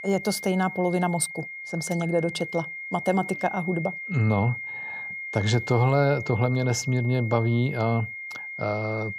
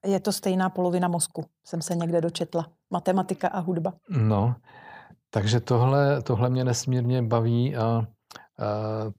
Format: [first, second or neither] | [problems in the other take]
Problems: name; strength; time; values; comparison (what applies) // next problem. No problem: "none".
second | high-pitched whine; loud; throughout; 2 kHz, 8 dB below the speech